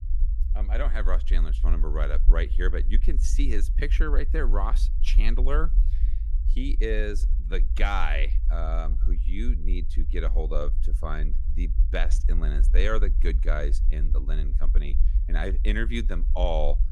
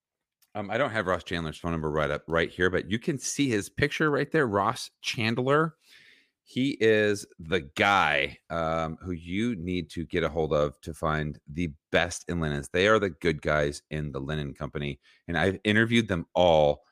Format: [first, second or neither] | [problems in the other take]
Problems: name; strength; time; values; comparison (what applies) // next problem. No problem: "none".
second | low rumble; noticeable; throughout; 15 dB below the speech